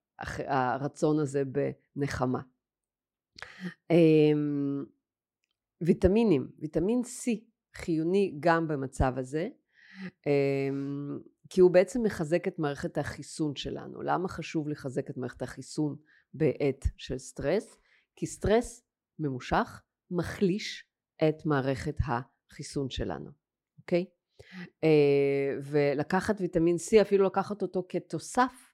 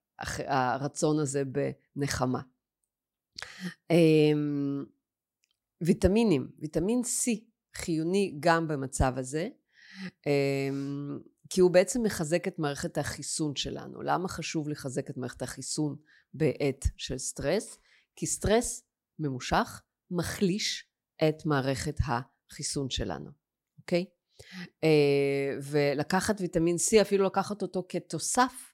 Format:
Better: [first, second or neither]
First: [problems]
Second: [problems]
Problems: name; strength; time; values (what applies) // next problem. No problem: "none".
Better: second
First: muffled; slightly; fading above 4 kHz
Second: none